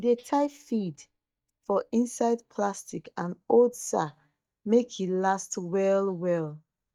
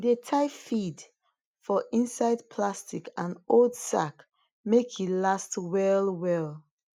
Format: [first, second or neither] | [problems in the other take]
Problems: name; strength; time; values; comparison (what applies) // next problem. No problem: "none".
second | noise reduction (neural mask model DeepFilterNet 3)